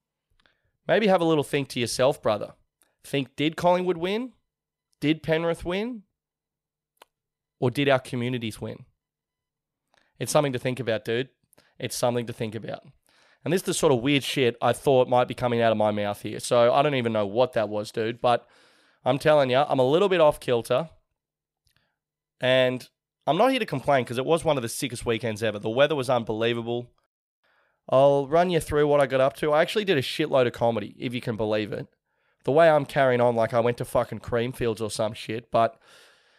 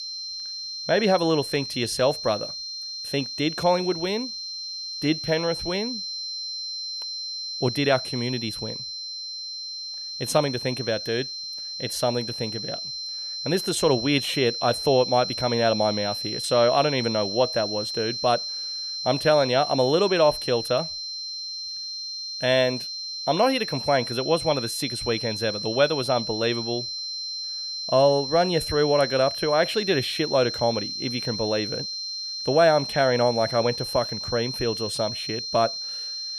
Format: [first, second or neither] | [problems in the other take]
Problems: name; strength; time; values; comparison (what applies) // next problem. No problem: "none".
first | high-pitched whine; loud; throughout; 4 kHz, 5 dB below the speech